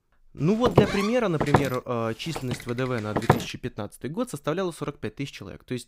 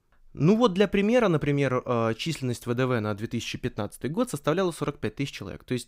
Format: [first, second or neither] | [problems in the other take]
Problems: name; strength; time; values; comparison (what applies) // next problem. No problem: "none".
second | footsteps; loud; from 0.5 to 3.5 s; peak 6 dB above the speech